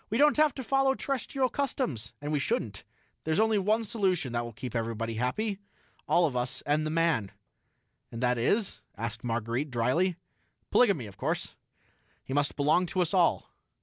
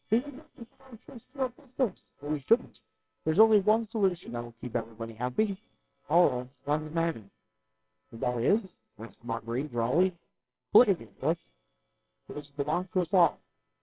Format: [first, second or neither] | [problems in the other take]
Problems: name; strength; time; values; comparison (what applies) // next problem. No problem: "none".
first | noise reduction (neural separator model SepFormer WHAMR!)